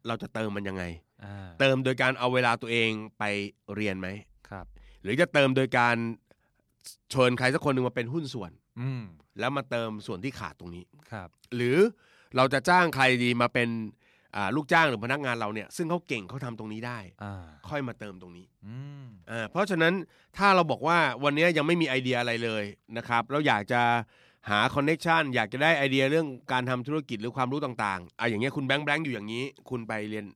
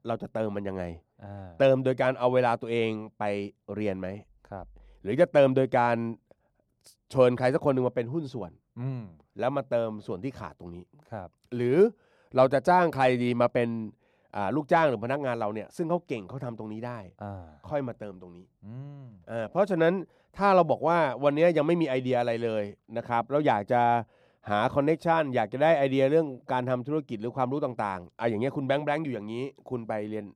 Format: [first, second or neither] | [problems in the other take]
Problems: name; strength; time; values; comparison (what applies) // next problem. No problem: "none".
first | muffled; slightly; fading above 1 kHz